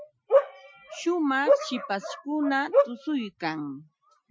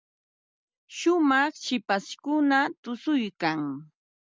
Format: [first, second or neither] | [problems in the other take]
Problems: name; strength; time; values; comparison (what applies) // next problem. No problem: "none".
second | noise reduction (classical method Wiener filter)